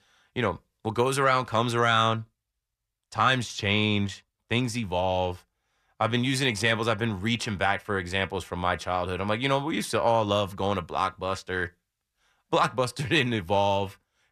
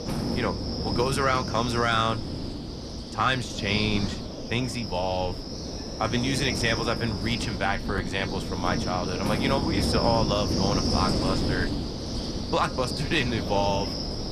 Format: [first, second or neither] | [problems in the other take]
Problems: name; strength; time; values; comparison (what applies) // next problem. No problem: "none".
first | wind noise on the microphone; heavy; 6 dB below the speech